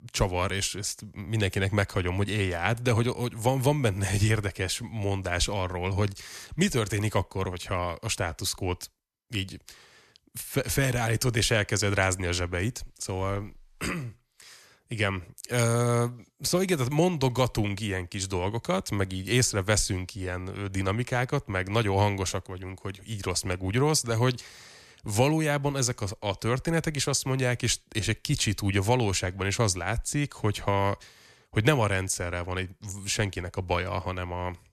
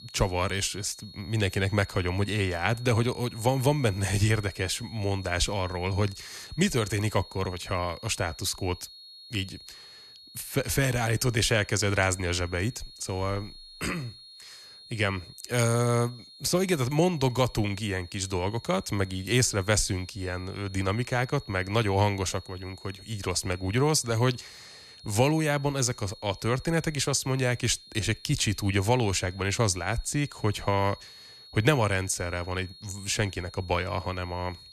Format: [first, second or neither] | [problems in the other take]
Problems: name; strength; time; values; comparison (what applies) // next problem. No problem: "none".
first | high-pitched whine; noticeable; throughout; 4.5 kHz, 20 dB below the speech